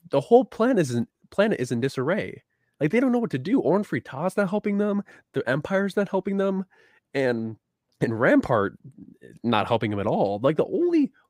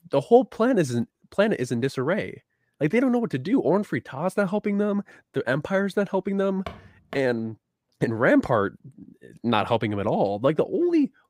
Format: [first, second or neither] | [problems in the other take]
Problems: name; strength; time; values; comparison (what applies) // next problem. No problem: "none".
first | footsteps; faint; at 6.5 s; peak 15 dB below the speech